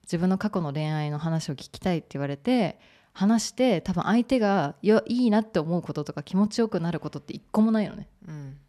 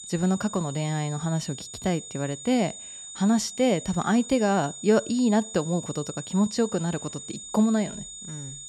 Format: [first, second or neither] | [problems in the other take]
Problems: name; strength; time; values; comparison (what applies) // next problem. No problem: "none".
first | high-pitched whine; noticeable; throughout; 7 kHz, 10 dB below the speech